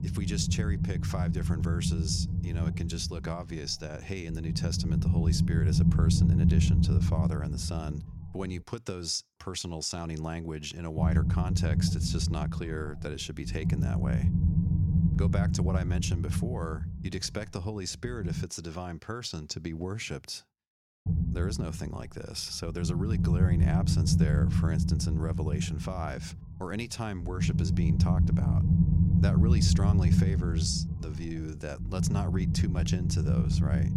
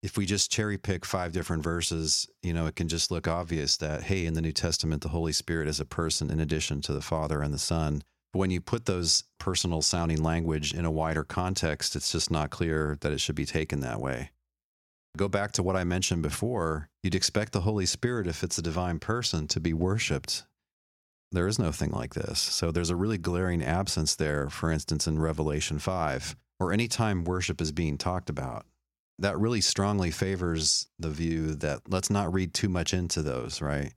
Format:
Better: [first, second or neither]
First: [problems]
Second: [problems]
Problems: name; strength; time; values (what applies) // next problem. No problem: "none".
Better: second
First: low rumble; loud; until 8.5 s, from 11 to 18 s and from 21 s on; 1 dB below the speech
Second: none